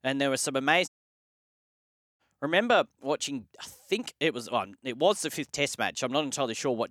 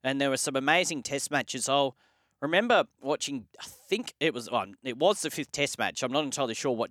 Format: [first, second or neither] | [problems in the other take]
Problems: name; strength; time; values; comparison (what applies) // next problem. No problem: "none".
second | audio cutting out; at 1 s for 1.5 s